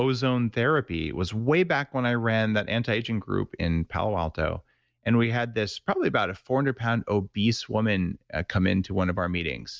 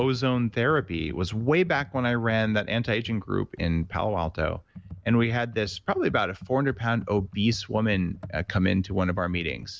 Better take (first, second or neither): first